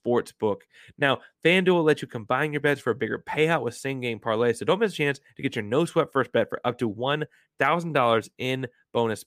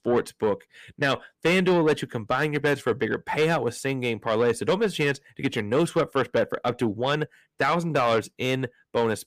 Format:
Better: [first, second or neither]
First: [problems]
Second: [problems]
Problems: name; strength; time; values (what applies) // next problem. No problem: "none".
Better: first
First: none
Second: distortion; slight; 10 dB below the speech